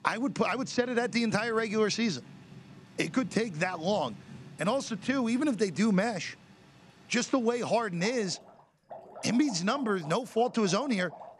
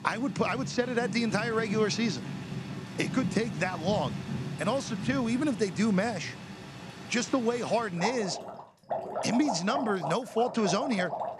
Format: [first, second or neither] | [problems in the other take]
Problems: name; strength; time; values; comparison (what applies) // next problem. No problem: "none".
first | rain or running water; loud; throughout; 8 dB below the speech; faint in the first